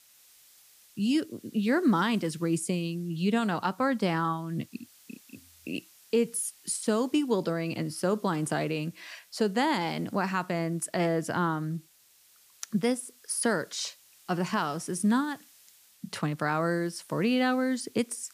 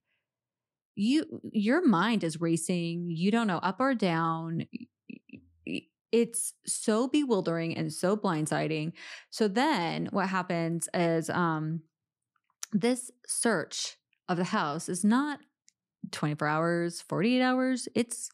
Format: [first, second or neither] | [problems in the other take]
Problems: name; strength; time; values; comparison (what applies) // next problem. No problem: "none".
second | hiss; faint; throughout; 25 dB below the speech